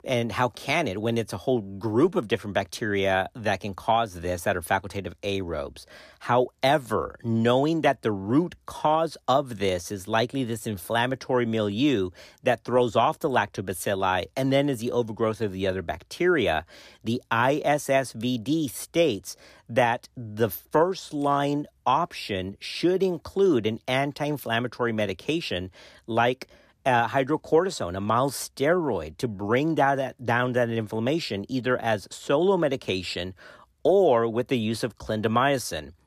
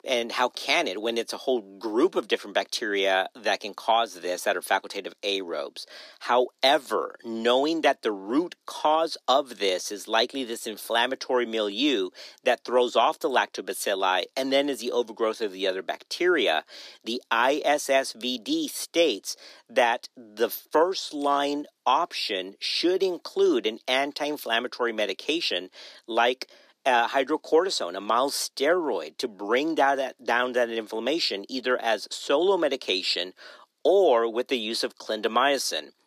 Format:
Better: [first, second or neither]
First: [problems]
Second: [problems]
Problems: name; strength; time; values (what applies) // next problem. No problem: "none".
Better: first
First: none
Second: thin; very slightly; fading below 300 Hz